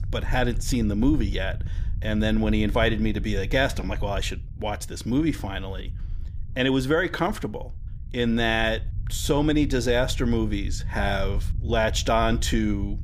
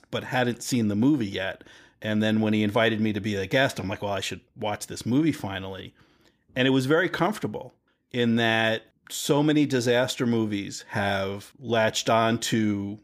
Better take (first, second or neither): second